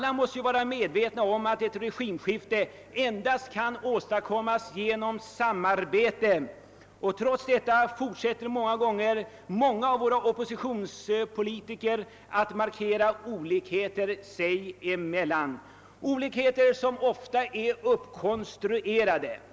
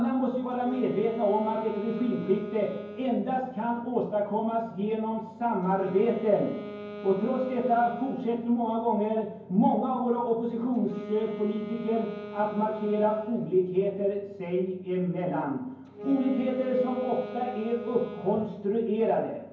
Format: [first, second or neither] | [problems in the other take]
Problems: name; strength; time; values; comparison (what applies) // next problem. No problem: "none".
first | background sound (Wind instrument, woodwind instrument); 14 dB below the speech // room echo; dies away in 0.9 s